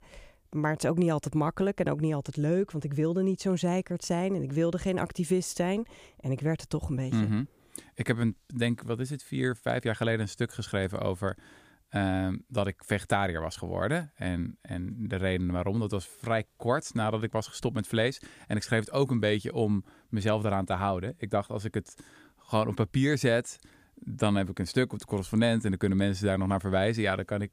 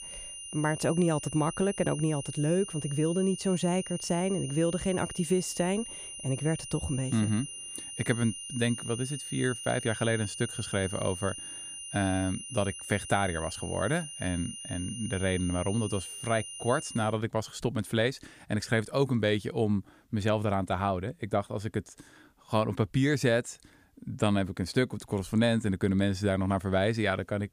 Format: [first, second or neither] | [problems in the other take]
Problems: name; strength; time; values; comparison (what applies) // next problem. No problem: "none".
first | high-pitched whine; loud; until 17 s; 9.5 kHz, 9 dB below the speech